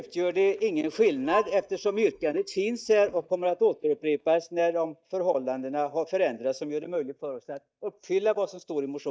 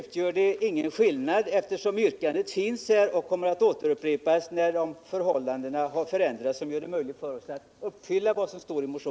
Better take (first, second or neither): second